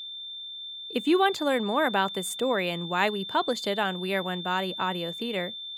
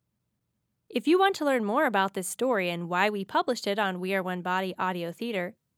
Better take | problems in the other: second | high-pitched whine; loud; throughout; 3.5 kHz, 8 dB below the speech

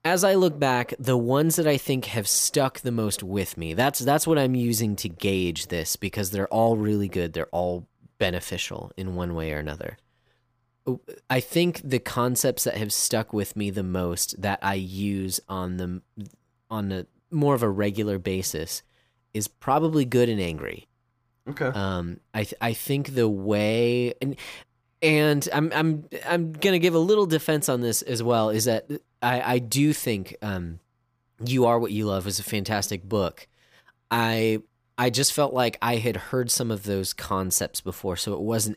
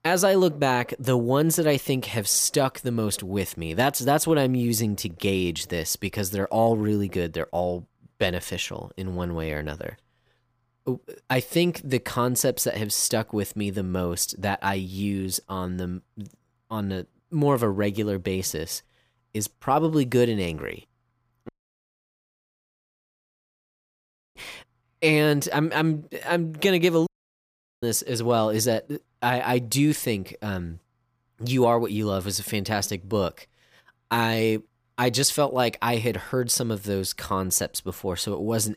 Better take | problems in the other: first | audio cutting out; at 21 s for 3 s and at 27 s for 1 s

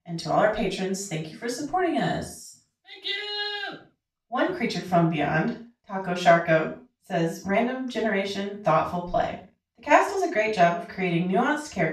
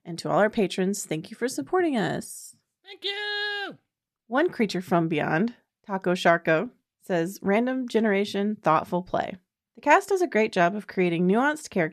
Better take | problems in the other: second | room echo; noticeable; dies away in 0.3 s // off-mic speech; far

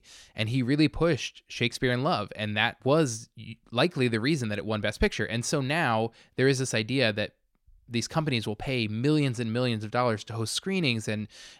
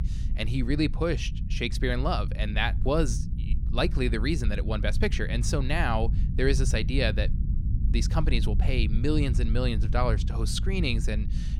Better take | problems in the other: first | low rumble; noticeable; throughout; 15 dB below the speech

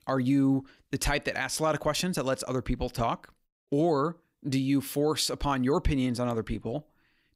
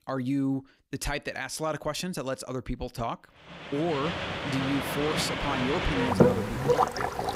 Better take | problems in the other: first | train or aircraft noise; very loud; from 4 s on; 4 dB above the speech

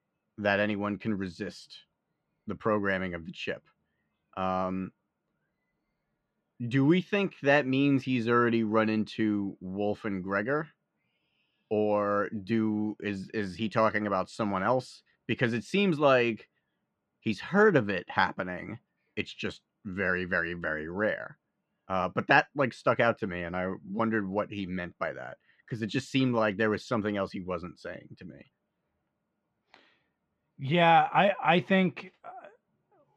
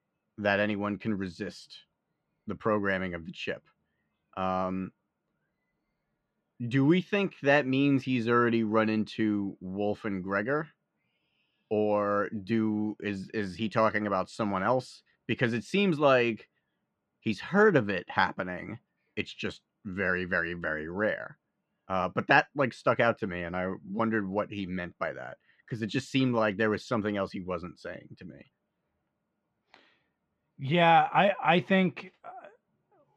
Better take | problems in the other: neither | muffled; slightly; fading above 2.5 kHz; the same in both

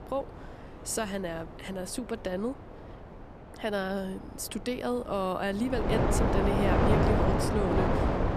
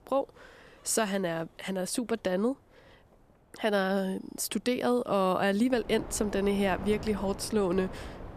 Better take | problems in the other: second | wind noise on the microphone; heavy; 5 dB above the speech; occasional gusts in the second

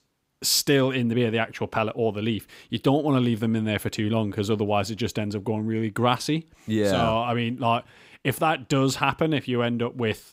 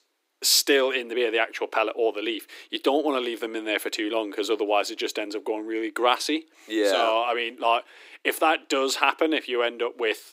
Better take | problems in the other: first | thin; very; fading below 300 Hz

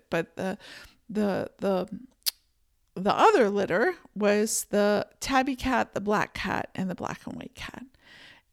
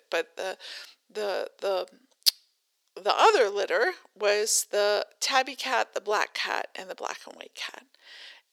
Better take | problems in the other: first | thin; very; fading below 450 Hz

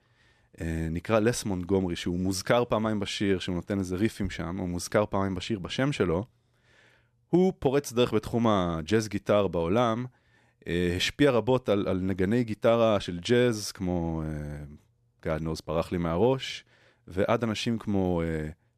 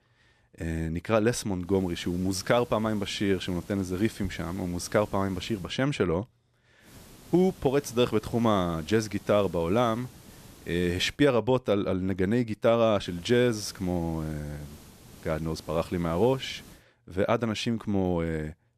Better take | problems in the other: first | hiss; faint; from 1.5 to 5.5 s, from 7 to 11 s and from 13 to 17 s; 20 dB below the speech

